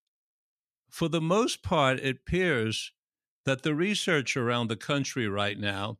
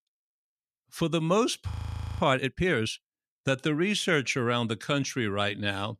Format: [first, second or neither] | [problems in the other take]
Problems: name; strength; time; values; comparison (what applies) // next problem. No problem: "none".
first | audio freezing; at 1.5 s for 0.5 s